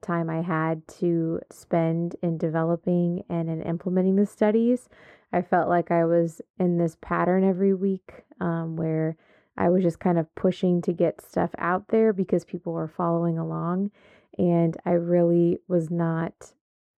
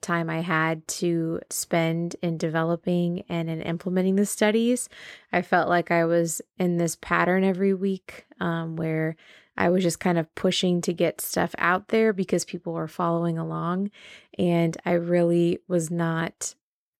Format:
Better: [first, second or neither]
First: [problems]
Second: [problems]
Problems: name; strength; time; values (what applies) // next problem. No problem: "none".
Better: second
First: muffled; very; fading above 2 kHz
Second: none